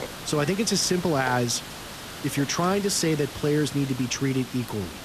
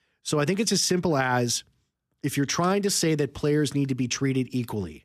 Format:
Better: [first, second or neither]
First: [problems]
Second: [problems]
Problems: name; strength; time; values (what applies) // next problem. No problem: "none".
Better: second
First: hiss; noticeable; throughout; 10 dB below the speech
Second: none